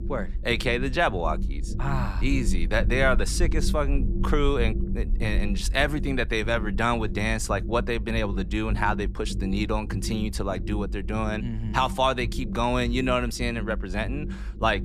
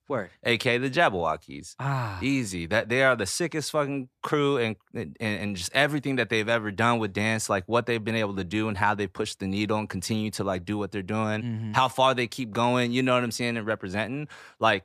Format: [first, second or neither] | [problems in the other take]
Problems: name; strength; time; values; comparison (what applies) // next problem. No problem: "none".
second | low rumble; noticeable; throughout; 15 dB below the speech